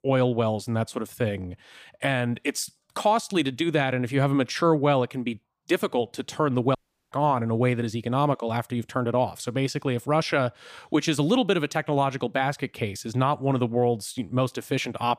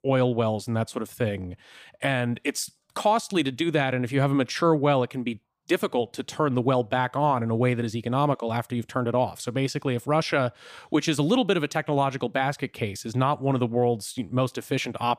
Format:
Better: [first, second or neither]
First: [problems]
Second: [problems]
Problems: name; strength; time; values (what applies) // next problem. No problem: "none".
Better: second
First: audio cutting out; at 7 s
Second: none